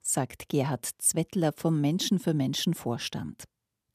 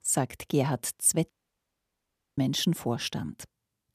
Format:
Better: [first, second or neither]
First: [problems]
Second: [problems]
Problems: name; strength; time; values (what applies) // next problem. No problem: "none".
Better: first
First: none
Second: audio cutting out; at 1.5 s for 1 s